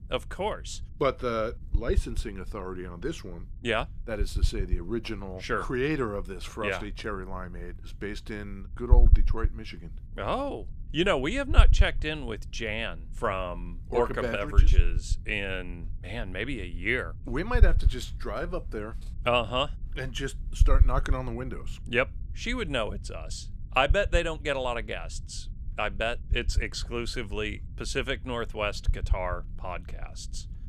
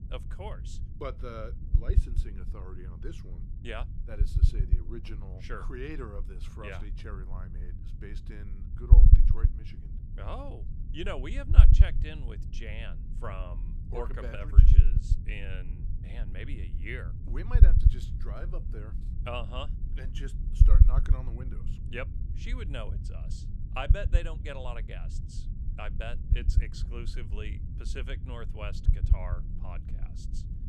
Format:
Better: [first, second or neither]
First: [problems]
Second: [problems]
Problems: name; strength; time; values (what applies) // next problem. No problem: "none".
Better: first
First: low rumble; faint; throughout; 20 dB below the speech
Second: low rumble; loud; throughout; 6 dB below the speech